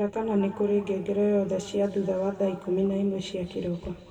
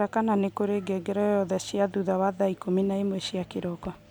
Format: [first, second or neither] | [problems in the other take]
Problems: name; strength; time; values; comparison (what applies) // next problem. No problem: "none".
second | room echo; dies away in 2.5 s